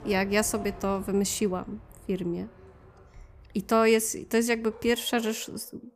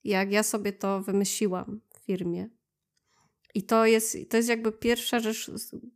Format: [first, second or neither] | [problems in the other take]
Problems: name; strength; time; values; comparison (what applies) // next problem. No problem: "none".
second | animal sounds; faint; throughout; 20 dB below the speech